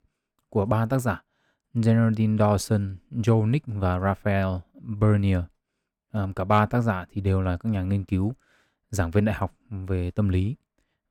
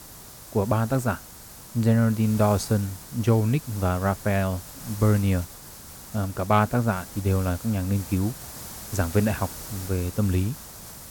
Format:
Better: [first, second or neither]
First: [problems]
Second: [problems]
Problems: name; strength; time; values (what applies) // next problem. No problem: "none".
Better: first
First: none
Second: hiss; noticeable; throughout; 15 dB below the speech